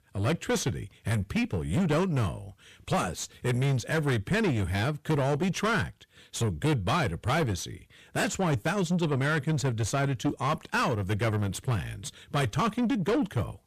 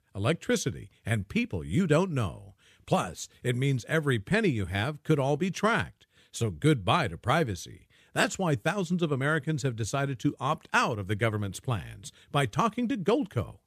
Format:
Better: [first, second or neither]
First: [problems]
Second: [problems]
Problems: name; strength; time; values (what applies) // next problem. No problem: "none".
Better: second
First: distortion; heavy; 7 dB below the speech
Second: none